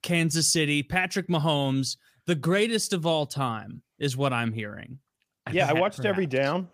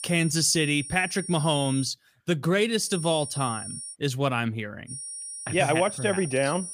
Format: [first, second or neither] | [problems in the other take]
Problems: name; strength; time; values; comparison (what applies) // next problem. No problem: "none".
first | high-pitched whine; loud; until 2 s, from 3 to 4 s and from 5 s on; 9.5 kHz, 10 dB below the speech